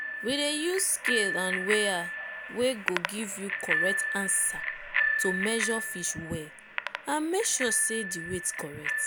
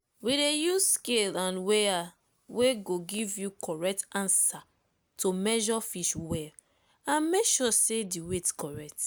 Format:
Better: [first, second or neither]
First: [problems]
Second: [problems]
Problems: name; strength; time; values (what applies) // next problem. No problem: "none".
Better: second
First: background sound (Bicycle bell); 1 dB below the speech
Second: none